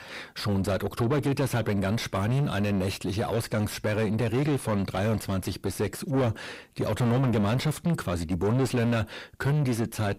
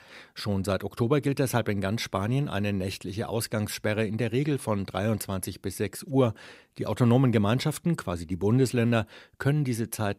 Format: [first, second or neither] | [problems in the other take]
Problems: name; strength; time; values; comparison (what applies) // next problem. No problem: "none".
second | distortion; heavy; 6 dB below the speech